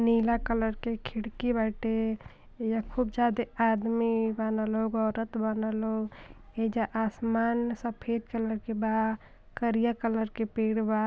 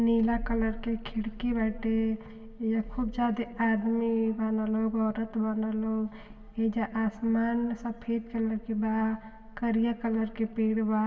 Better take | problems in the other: first | room echo; dies away in 1.8 s

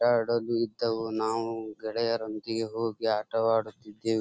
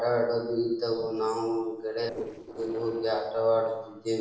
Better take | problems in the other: first | noise reduction (neural separator model SepFormer DNS4)

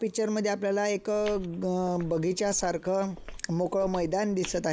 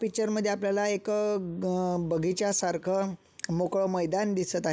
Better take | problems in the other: second | background sound (Walk, footsteps); 17 dB below the speech

